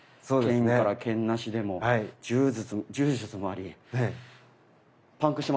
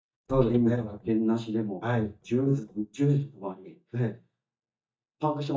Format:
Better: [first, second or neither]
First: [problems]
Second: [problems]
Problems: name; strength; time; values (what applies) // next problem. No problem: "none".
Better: first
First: none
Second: noise reduction (neural mask model DeepFilterNet 3)